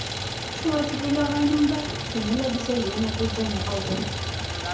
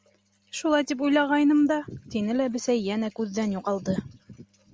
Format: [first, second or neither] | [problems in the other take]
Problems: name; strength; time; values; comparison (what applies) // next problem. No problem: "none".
second | background sound (Idling); 3 dB below the speech // room echo; dies away in 0.6 s